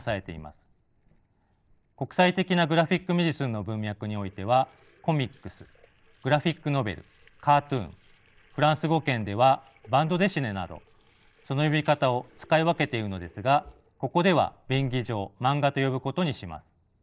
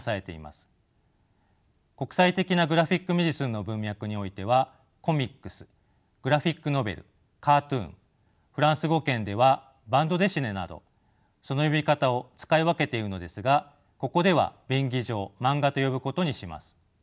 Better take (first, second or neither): second